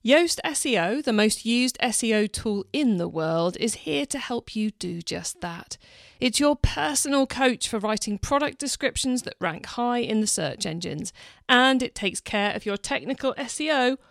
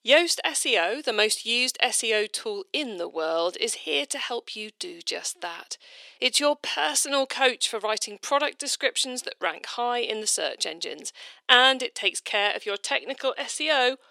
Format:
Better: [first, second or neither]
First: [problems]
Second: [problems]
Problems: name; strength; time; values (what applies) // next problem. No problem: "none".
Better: first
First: none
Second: thin; somewhat; fading below 350 Hz